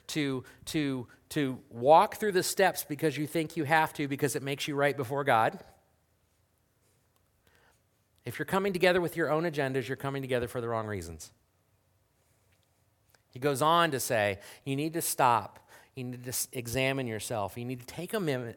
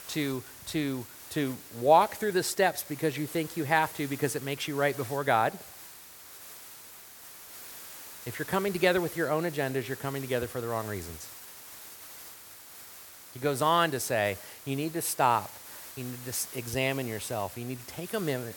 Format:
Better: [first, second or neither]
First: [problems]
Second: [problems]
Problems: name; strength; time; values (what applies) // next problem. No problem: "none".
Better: first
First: none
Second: hiss; noticeable; throughout; 15 dB below the speech